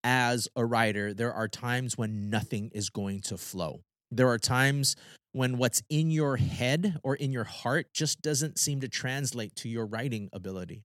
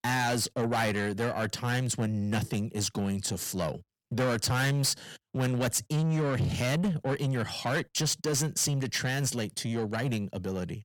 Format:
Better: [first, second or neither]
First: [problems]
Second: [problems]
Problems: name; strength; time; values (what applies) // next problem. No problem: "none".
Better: first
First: none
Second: distortion; heavy; 7 dB below the speech